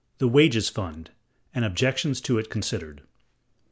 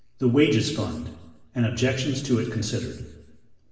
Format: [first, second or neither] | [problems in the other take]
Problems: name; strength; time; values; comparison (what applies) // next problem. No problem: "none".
first | room echo; dies away in 1.1 s